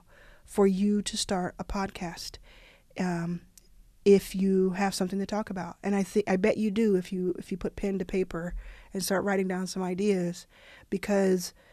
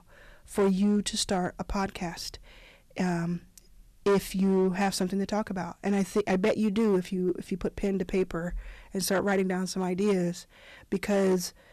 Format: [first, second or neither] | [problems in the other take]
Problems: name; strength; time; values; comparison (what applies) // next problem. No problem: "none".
first | distortion; slight; 5% of the sound clipped